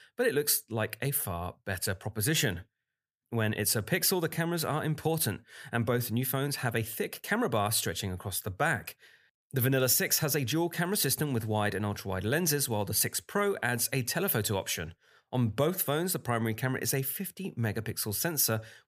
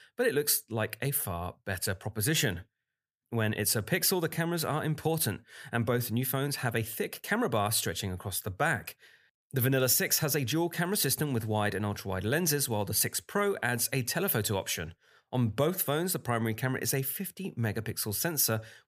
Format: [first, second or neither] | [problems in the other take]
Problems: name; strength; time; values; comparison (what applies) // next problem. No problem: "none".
neither | none